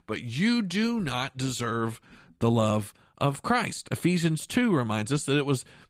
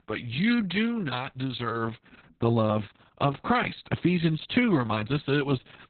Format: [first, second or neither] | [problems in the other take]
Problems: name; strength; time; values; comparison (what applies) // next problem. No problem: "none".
first | garbled, watery; badly; nothing above 4 kHz; slightly in the first